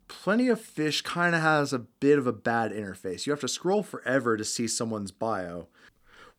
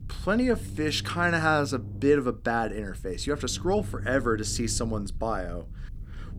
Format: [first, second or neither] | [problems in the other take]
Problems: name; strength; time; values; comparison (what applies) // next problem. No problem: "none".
first | low rumble; faint; throughout; 25 dB below the speech